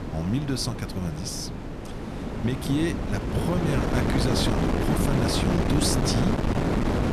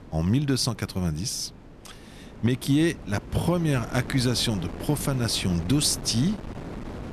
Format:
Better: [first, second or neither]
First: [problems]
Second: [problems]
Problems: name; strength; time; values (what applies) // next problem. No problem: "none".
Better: second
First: wind noise on the microphone; heavy; 1 dB above the speech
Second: wind noise on the microphone; occasional gusts; 15 dB below the speech